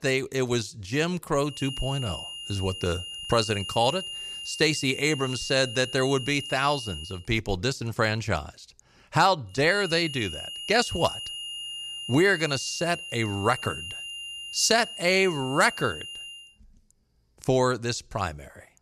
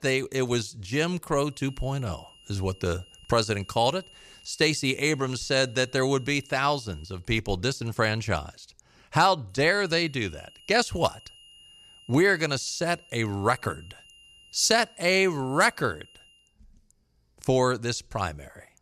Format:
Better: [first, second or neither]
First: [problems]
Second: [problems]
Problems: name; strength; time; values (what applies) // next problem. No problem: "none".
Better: second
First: high-pitched whine; loud; from 1.5 to 7 s and from 9.5 to 16 s; 3 kHz, 9 dB below the speech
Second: high-pitched whine; faint; from 1.5 to 7 s and from 9.5 to 16 s; 3 kHz, 25 dB below the speech